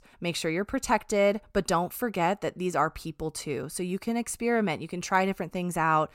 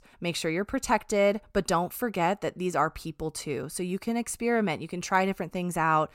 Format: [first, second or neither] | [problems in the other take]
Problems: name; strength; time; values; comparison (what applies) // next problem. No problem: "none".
neither | none